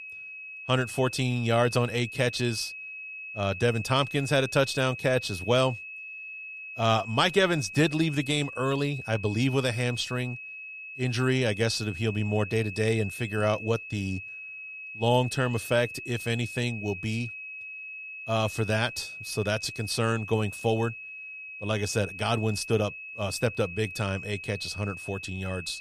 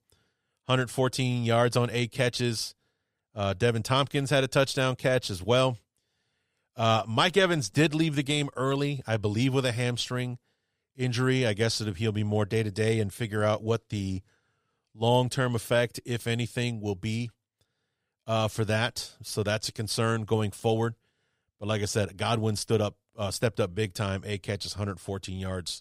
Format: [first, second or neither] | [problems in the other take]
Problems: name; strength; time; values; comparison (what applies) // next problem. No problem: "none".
second | high-pitched whine; noticeable; throughout; 2.5 kHz, 10 dB below the speech